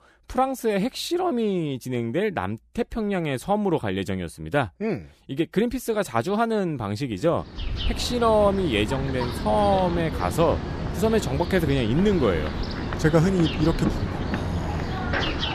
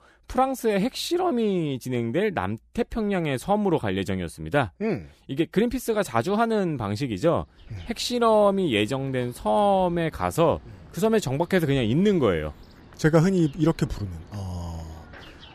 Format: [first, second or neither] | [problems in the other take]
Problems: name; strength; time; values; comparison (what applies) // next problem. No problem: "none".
second | animal sounds; loud; from 8 s on; 5 dB below the speech; faint in the second